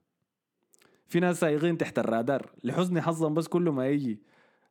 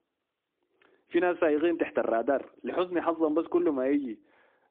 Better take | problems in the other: first | phone-call audio; poor line

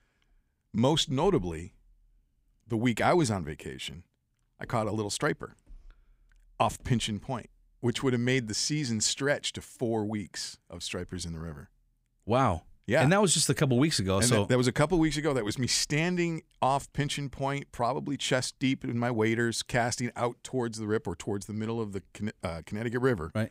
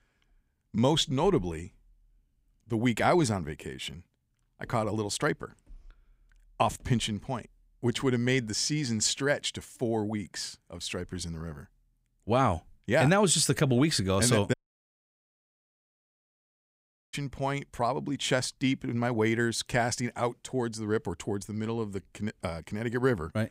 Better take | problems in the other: first | audio cutting out; at 15 s for 2.5 s

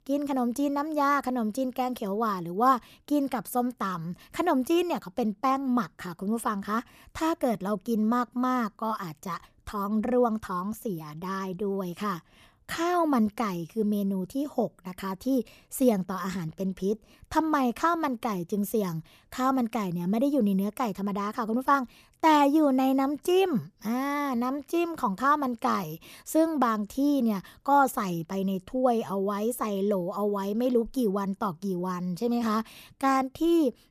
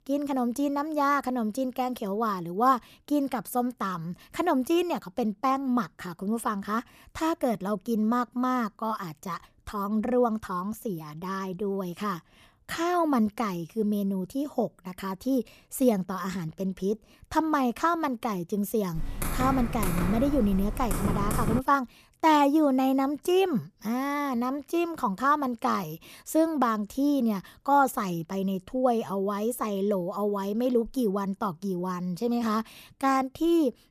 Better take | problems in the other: first | keyboard typing; noticeable; from 19 to 22 s; peak 2 dB below the speech

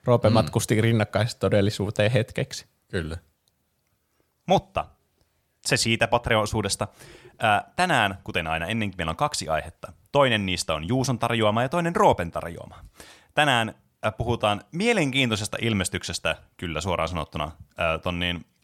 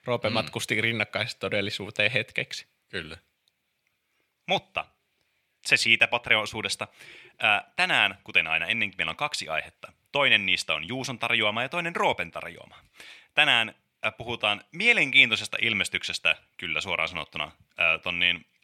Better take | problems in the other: first | thin; very slightly; fading below 400 Hz

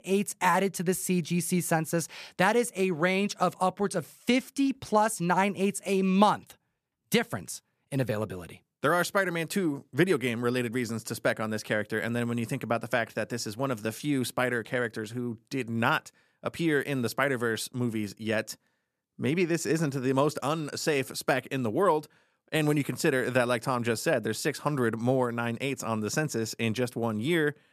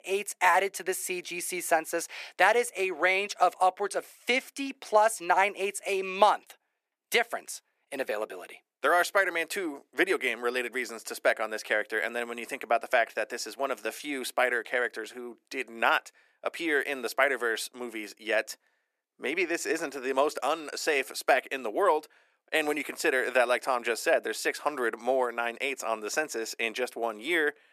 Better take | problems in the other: first | thin; very; fading below 350 Hz

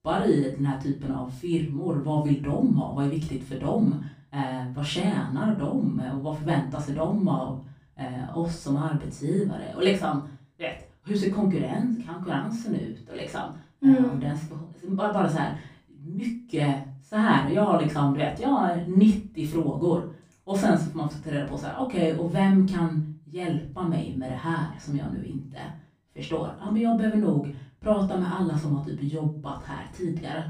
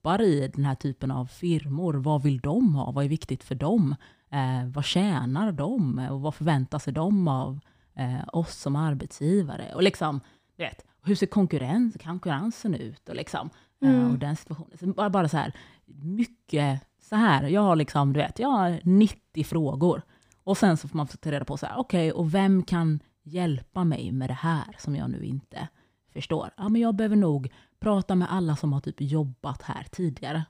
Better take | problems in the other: second | off-mic speech; far // room echo; slight; dies away in 0.3 s

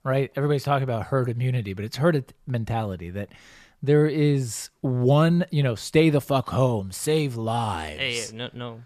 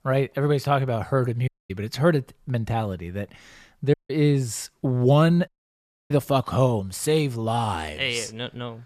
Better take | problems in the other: first | audio cutting out; at 1.5 s, at 4 s and at 5.5 s for 0.5 s

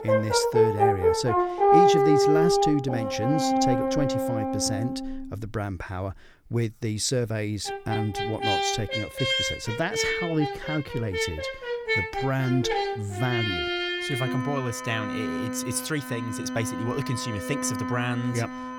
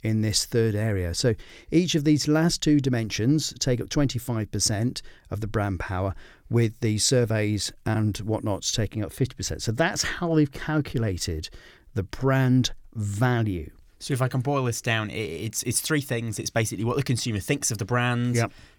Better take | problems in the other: second | background music; very loud; throughout; 3 dB above the speech

